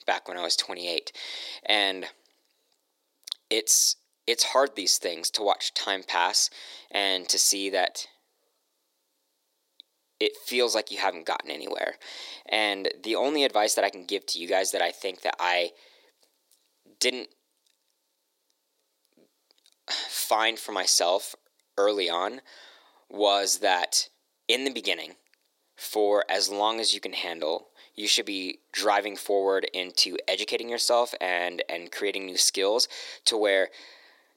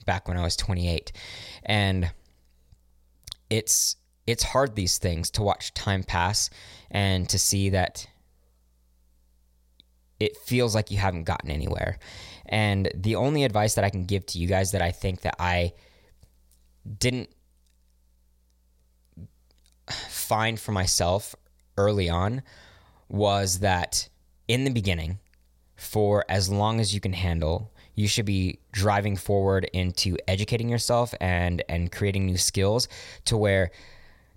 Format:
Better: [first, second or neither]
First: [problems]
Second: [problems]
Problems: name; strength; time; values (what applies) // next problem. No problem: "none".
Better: second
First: thin; very; fading below 300 Hz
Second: none